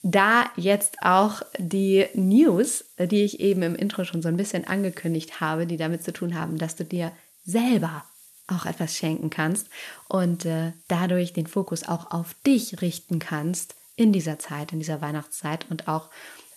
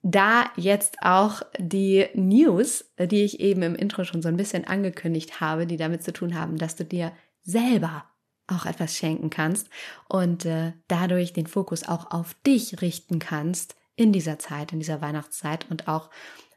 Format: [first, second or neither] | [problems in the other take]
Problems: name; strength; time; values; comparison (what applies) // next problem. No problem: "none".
second | hiss; faint; throughout; 25 dB below the speech